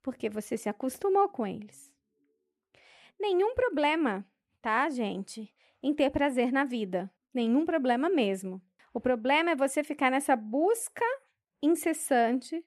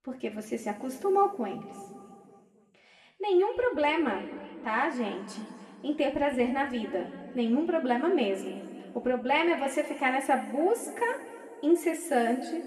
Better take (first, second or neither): first